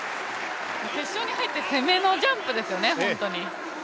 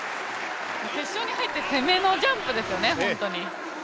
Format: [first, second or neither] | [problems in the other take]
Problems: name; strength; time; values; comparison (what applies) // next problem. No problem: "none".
first | background sound (Waves, surf); 12 dB below the speech